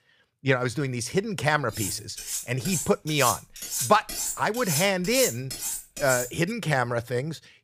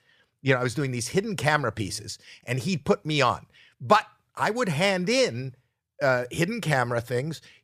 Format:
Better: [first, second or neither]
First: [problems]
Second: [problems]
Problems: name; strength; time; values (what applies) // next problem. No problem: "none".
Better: second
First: clattering dishes; noticeable; from 1.5 to 6.5 s; peak 2 dB below the speech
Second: none